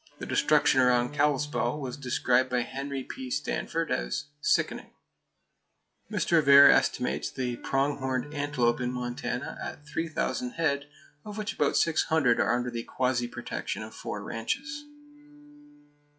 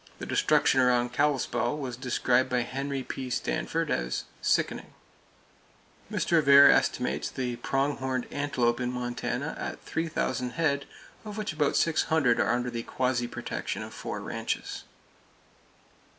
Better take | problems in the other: second | noise reduction (classical method log-MMSE)

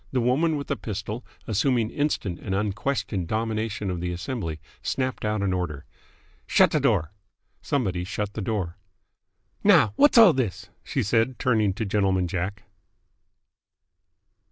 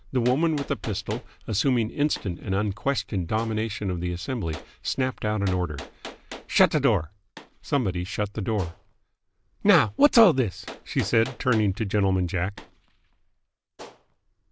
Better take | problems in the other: first | background sound (Gunshot, gunfire); 19 dB below the speech

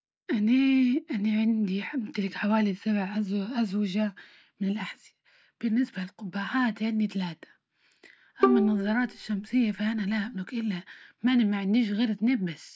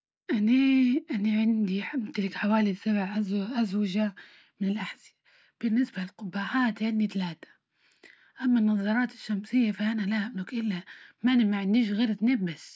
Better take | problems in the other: second | background sound (Bowed string instrument); 4 dB below the speech

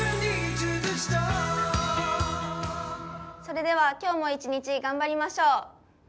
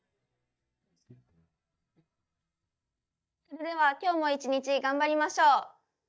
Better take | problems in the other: first | noise reduction (neural mask model DeepFilterNet 3)

